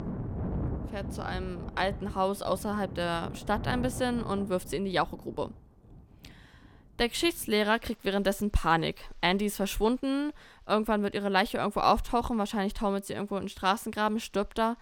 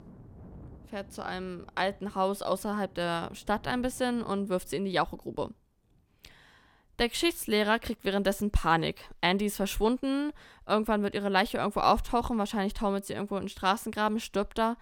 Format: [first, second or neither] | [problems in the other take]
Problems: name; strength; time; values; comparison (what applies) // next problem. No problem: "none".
second | rain or running water; loud; throughout; 10 dB below the speech; faint in the second